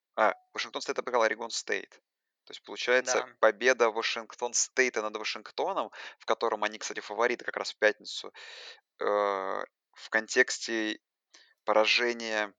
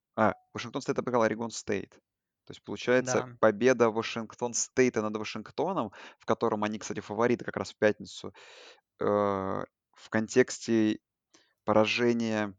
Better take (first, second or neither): second